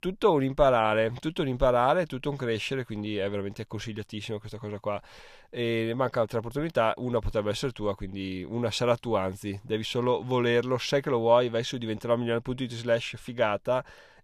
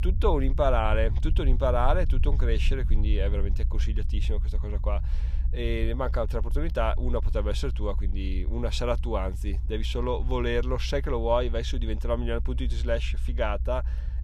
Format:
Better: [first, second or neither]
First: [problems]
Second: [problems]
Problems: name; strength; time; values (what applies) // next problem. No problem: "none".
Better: first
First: none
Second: low rumble; noticeable; throughout; 20 dB below the speech